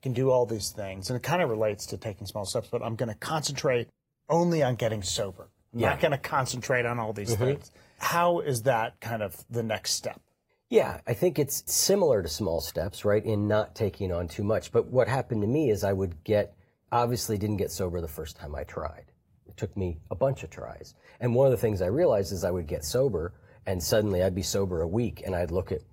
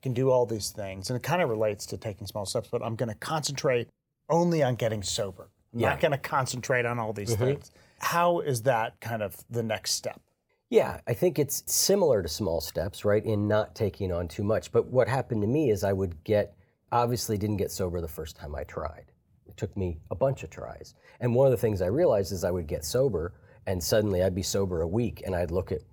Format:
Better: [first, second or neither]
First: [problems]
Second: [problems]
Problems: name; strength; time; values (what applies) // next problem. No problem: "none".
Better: second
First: garbled, watery; slightly; nothing above 15.5 kHz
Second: none